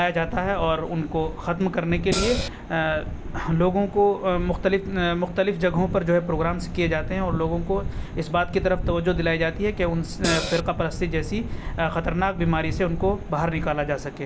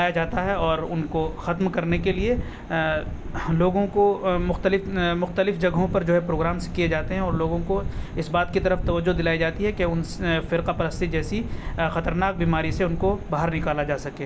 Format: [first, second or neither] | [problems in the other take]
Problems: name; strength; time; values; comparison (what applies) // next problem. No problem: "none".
second | background sound (Cymbal); 3 dB below the speech